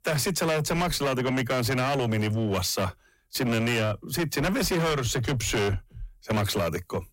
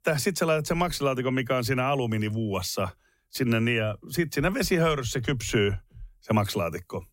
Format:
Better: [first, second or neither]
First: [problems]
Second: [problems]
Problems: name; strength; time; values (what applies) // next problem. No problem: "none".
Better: second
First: distortion; heavy; 25% of the sound clipped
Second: none